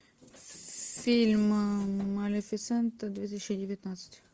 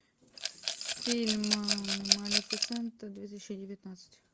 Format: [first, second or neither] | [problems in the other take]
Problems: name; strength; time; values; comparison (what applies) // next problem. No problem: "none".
first | background sound (Rattle / Glass); 4 dB above the speech